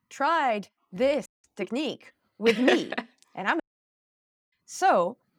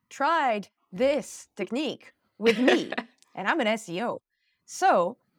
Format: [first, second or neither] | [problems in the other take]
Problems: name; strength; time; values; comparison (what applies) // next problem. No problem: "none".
second | audio cutting out; at 1.5 s and at 3.5 s for 1 s